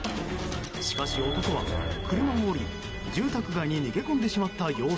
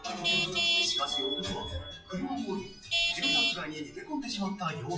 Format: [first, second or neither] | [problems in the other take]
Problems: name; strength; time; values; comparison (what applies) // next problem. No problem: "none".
first | noise reduction (classical method WPE with log-MMSE)